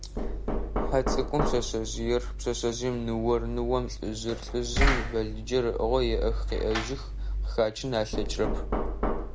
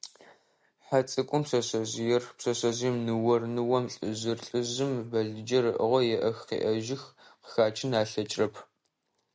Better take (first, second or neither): second